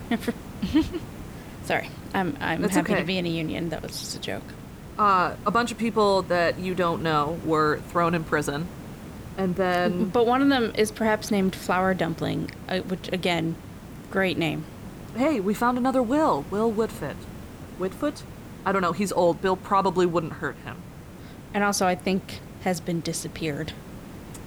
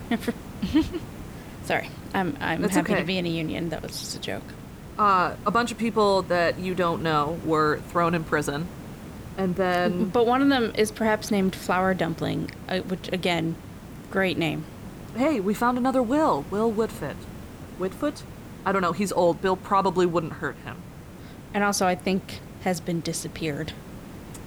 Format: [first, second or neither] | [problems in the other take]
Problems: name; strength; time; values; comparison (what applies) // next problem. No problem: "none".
neither | hiss; noticeable; throughout; 15 dB below the speech; the same in both